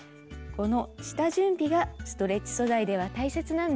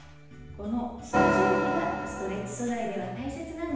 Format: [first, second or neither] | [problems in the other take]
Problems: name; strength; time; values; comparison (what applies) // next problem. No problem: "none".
first | background sound (Organ); 4 dB above the speech // room echo; dies away in 1 s